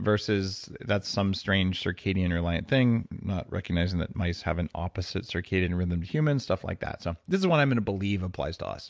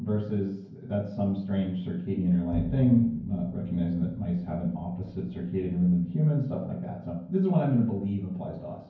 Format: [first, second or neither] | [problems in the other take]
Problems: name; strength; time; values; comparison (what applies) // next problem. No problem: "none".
first | background sound (Bowed string instrument); 13 dB below the speech // room echo; dies away in 0.9 s